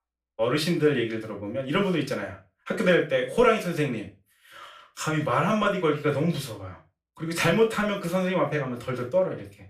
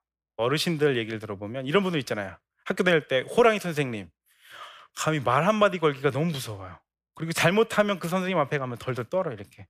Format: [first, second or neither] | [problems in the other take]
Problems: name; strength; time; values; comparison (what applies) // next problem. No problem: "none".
second | off-mic speech; far // room echo; slight; dies away in 0.3 s